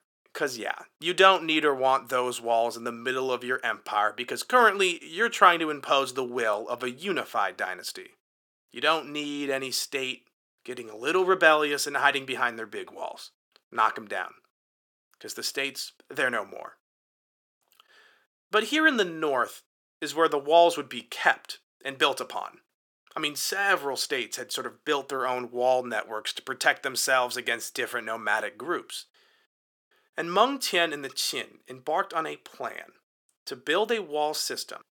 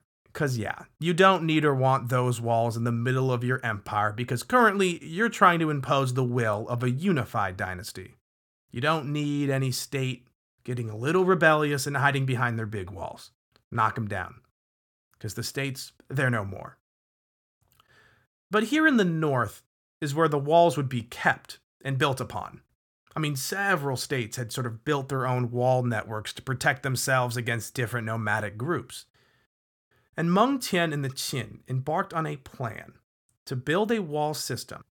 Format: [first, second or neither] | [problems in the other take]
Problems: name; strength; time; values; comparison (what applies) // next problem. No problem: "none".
second | thin; somewhat; fading below 350 Hz